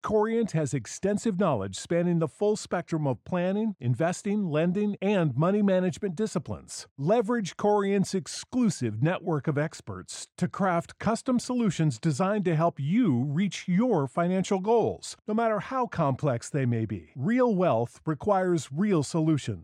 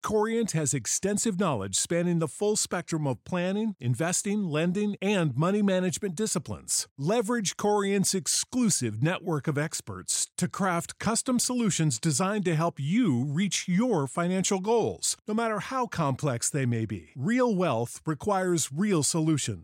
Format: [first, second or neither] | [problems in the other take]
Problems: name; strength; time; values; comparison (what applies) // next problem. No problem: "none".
second | muffled; slightly; fading above 2 kHz